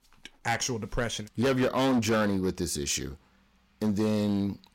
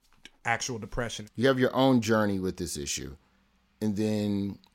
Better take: second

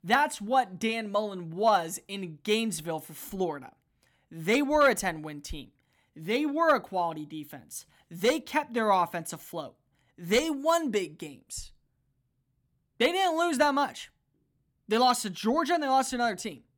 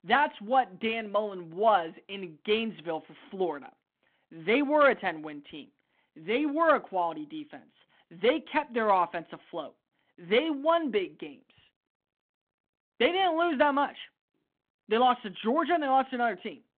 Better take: first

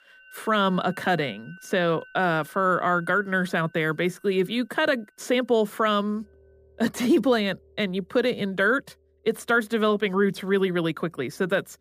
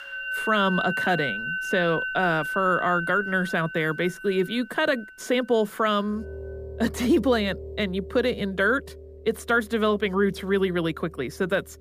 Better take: first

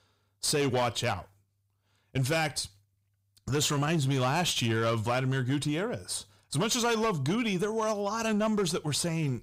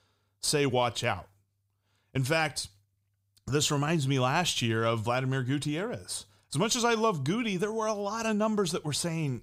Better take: second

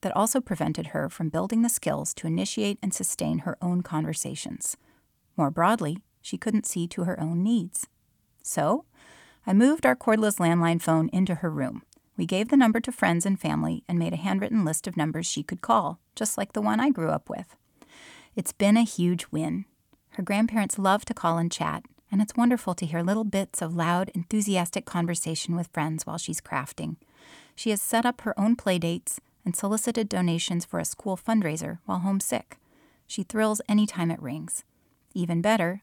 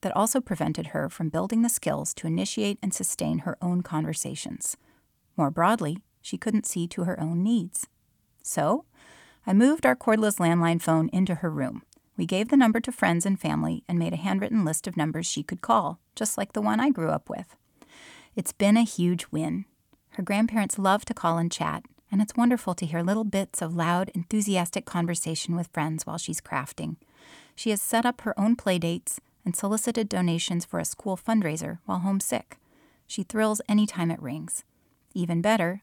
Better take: neither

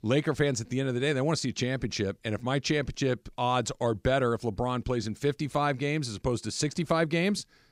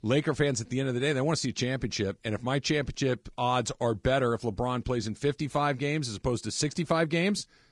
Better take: first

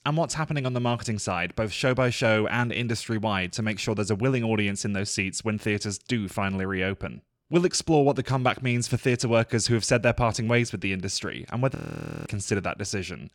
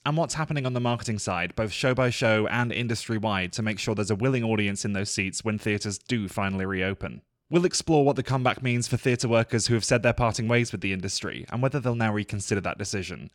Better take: second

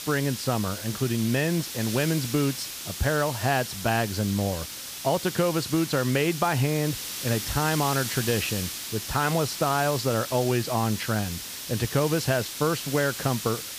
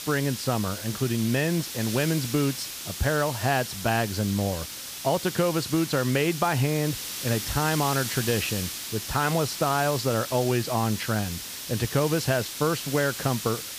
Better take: neither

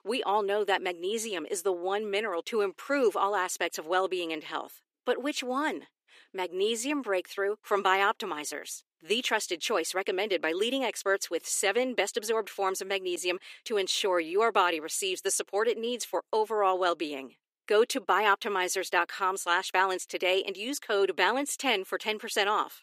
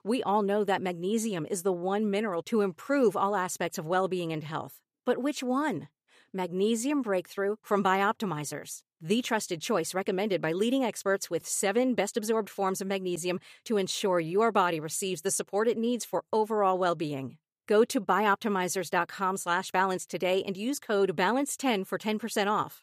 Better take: second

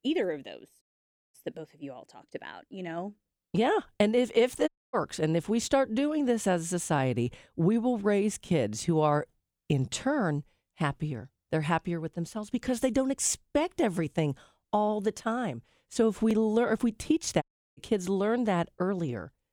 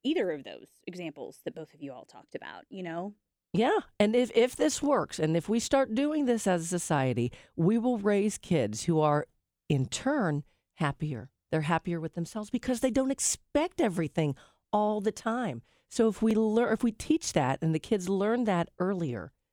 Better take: second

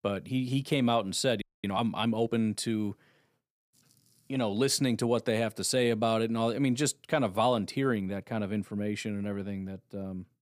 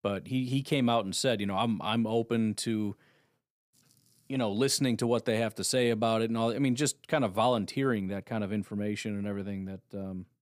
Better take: second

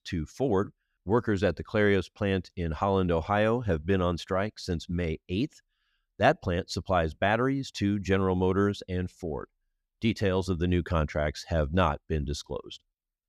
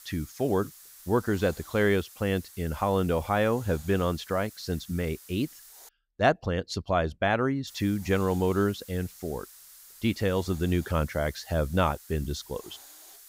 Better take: first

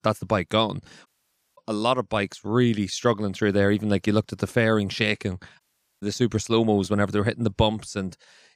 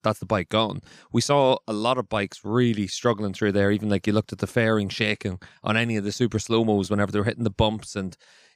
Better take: second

